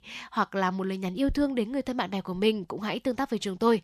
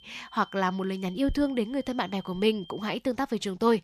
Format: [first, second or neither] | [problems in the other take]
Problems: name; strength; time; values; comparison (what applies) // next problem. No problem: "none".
first | high-pitched whine; faint; until 3 s; 3 kHz, 20 dB below the speech